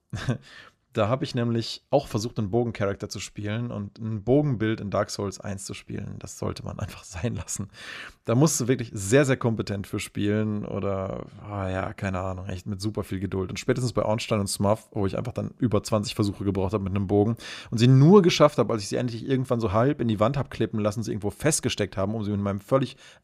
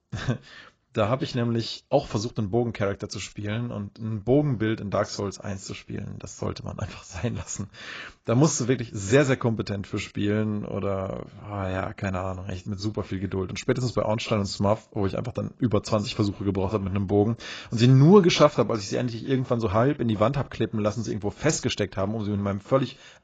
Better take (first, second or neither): first